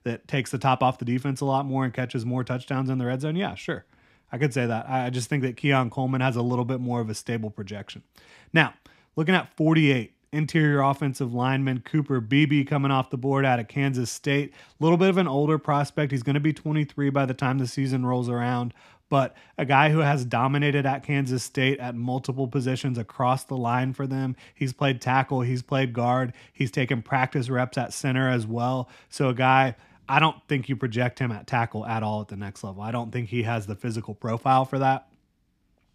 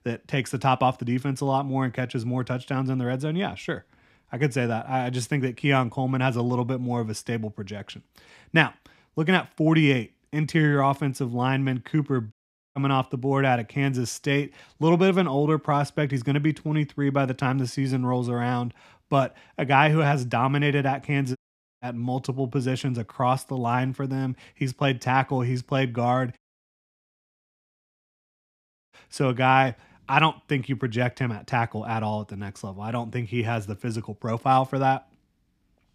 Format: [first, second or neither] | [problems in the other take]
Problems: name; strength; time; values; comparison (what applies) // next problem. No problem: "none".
first | audio cutting out; at 12 s, at 21 s and at 26 s for 2.5 s